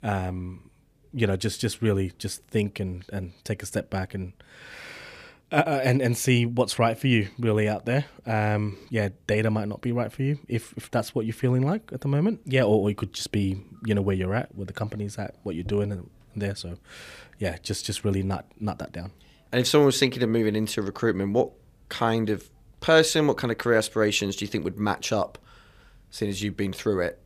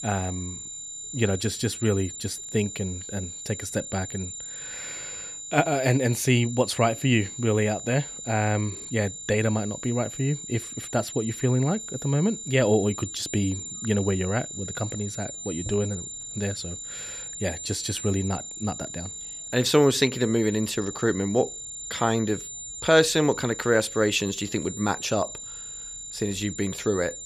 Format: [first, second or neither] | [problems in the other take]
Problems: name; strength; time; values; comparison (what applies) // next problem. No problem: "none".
first | high-pitched whine; loud; throughout; 7 kHz, 9 dB below the speech